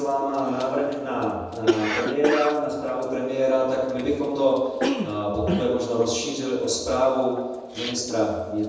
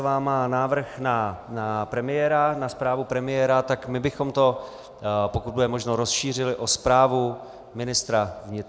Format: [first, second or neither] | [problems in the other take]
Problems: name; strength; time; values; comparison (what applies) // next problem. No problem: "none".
second | background sound (Cough); 8 dB below the speech // room echo; dies away in 1.1 s